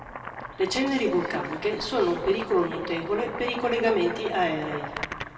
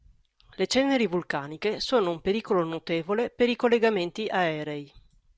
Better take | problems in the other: second | background sound (Boiling); 10 dB below the speech // room echo; dies away in 2.1 s

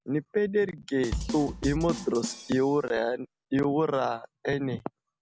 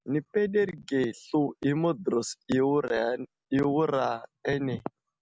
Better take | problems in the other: second | background sound (Drum kit); 8 dB below the speech

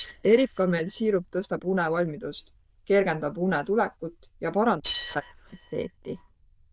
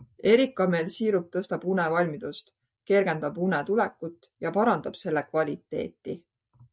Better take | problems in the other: second | noise reduction (neural diffusion model UNIVERSE++)

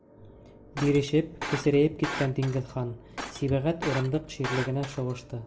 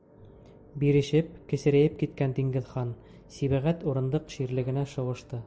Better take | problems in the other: second | background sound (Shatter); 10 dB below the speech // room echo; dies away in 0.4 s

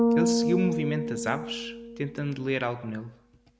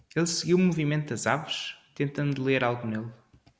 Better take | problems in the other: second | background sound (Bass guitar); 1 dB above the speech

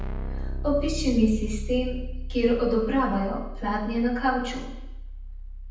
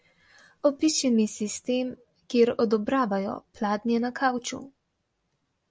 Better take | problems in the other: second | background sound (Keyboard (musical)); 5 dB below the speech // room echo; dies away in 0.9 s

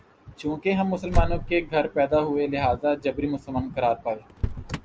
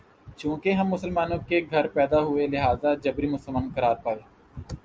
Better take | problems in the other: second | background sound (Motor vehicle (road)); 6 dB below the speech

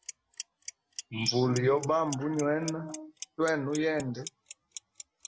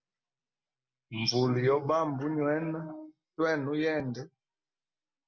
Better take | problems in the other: second | background sound (Clock); 15 dB below the speech

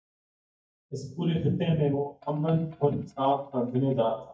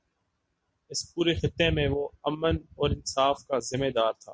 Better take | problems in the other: second | noise reduction (neural mask model DeepFilterNet 3)

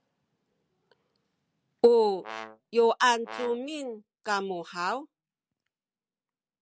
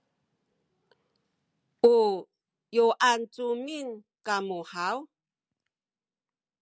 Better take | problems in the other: second | background sound (Brass instrument); 14 dB below the speech

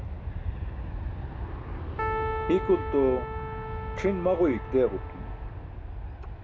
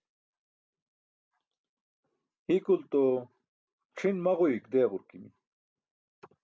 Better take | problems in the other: second | background sound (Aircraft + Keyboard (musical)); 3 dB below the speech

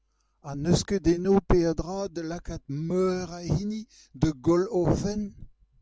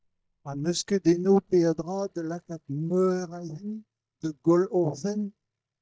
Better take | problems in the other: first | noise reduction (neural mask model DeepFilterNet 3)

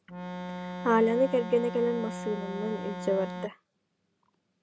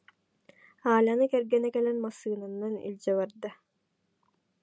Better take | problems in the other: second | background sound (Organ); 7 dB below the speech

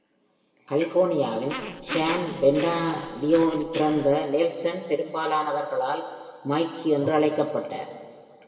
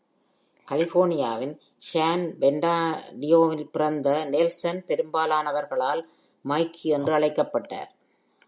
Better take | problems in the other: second | background sound (Growling); 12 dB below the speech // room echo; dies away in 1.8 s

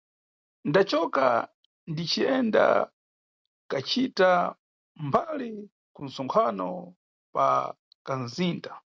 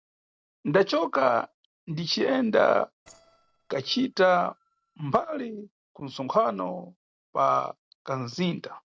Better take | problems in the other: first | noise reduction (neural separator model SepFormer DNS4)

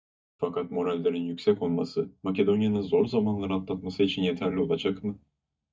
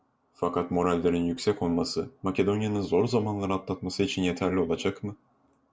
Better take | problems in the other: second | noise reduction (neural mask model DeepFilterNet 3)

